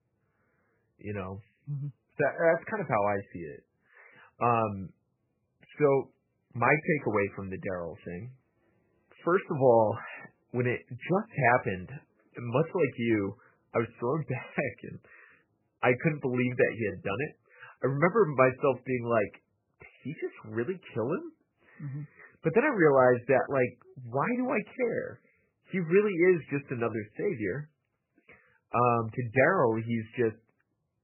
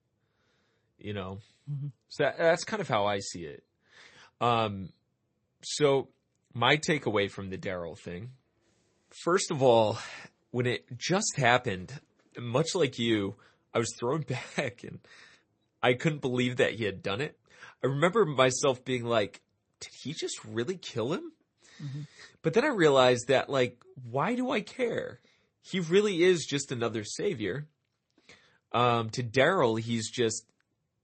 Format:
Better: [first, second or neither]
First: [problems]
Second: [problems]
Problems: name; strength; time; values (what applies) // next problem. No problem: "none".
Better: second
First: garbled, watery; badly; nothing above 2.5 kHz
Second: garbled, watery; slightly; nothing above 8 kHz